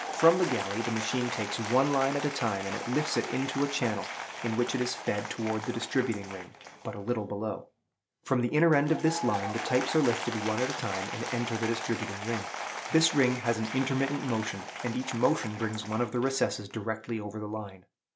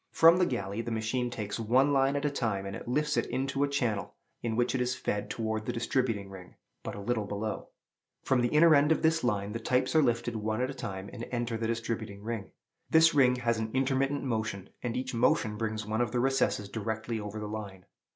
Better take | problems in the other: second | background sound (Applause / Crowd); 8 dB below the speech

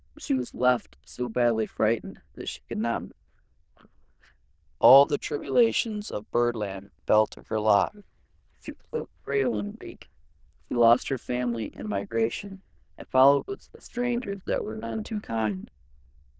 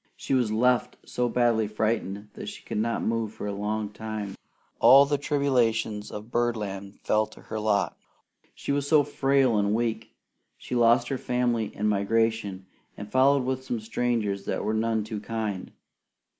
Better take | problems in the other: second | noise reduction (neural diffusion model UNIVERSE++)

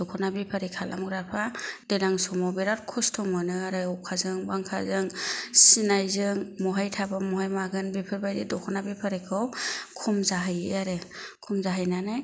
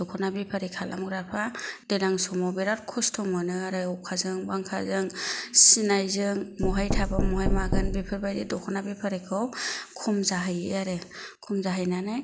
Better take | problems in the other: first | background sound (Knock); as loud as the speech

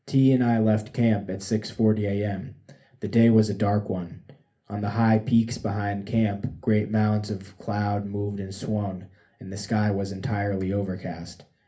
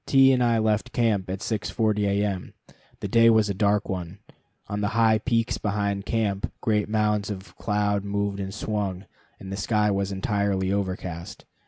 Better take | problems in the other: second | room echo; dies away in 0.3 s

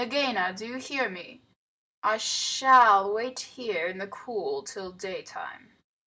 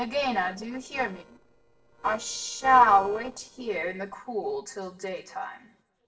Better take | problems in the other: first | noise reduction (neural separator model SepFormer DNS4)

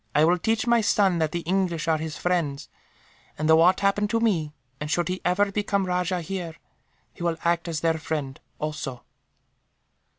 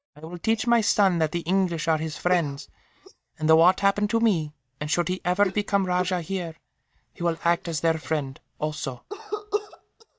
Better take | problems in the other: first | noise reduction (neural mask model DeepFilterNet 3)

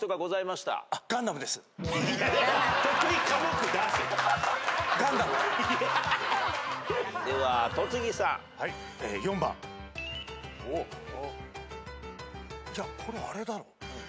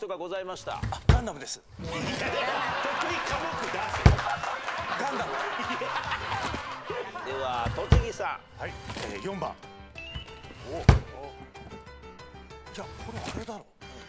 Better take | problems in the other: first | background sound (Drawer open or close); 2 dB above the speech

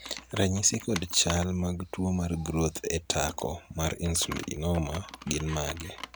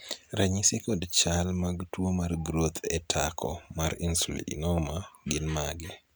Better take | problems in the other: second | background sound (Computer keyboard); 15 dB below the speech

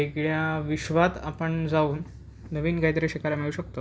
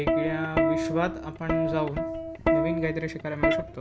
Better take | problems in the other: first | background sound (Plucked string instrument); 4 dB above the speech

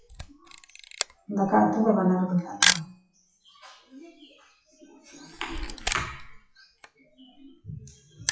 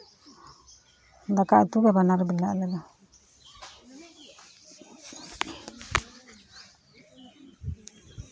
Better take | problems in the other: second | noise reduction (classical method WPE with log-MMSE)

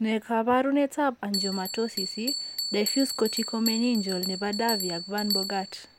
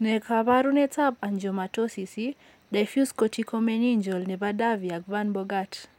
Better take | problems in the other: second | background sound (Bell); 6 dB below the speech

